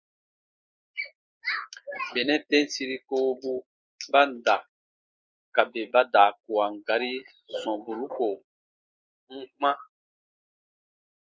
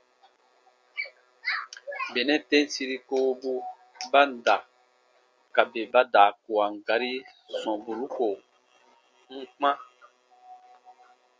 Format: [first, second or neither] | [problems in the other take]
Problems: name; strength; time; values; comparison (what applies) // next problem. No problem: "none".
second | noise reduction (neural mask model Resemble Enhance denoiser)